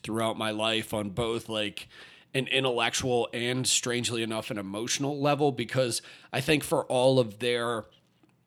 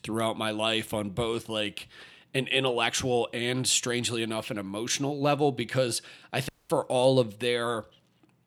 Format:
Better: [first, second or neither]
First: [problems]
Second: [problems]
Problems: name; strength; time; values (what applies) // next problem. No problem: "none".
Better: first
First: none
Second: audio cutting out; at 6.5 s